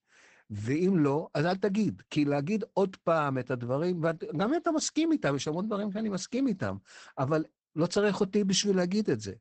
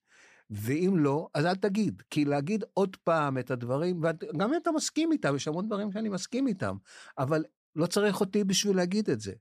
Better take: second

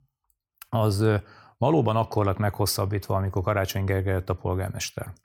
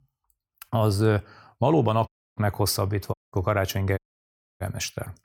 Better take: first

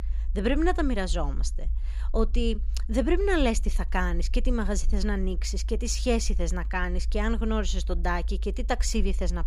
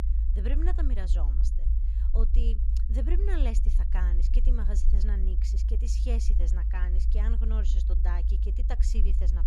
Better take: first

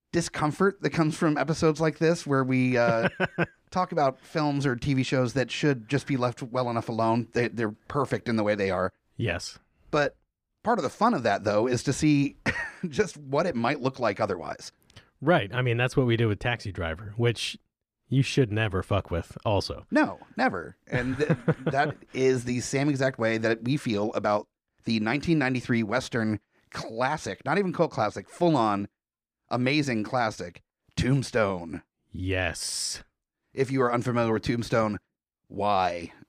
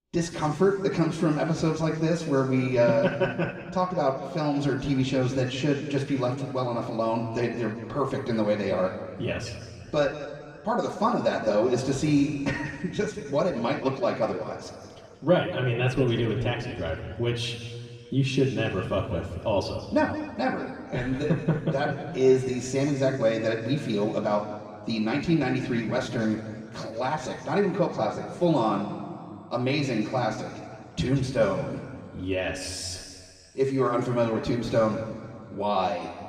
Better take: first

